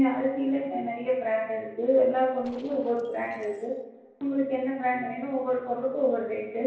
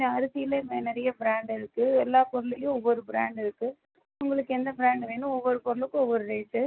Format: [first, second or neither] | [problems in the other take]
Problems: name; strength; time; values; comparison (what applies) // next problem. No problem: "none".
second | noise reduction (neural separator model SepFormer DNS4)